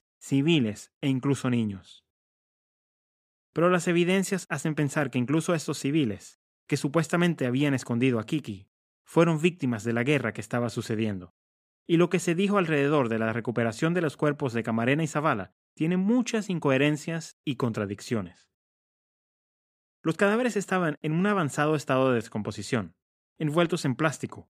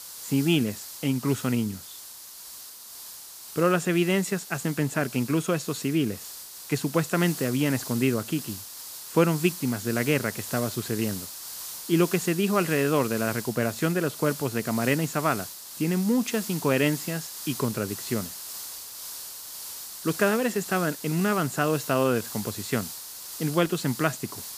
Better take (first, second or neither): first